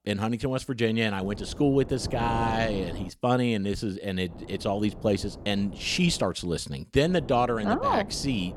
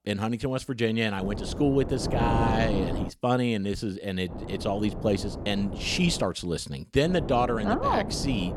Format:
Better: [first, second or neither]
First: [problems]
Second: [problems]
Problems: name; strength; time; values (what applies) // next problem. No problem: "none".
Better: first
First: wind noise on the microphone; occasional gusts; from 1 to 3 s, from 4.5 to 6 s and from 7 s on; 15 dB below the speech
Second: wind noise on the microphone; heavy; from 1 to 3 s, from 4.5 to 6 s and from 7 s on; 9 dB below the speech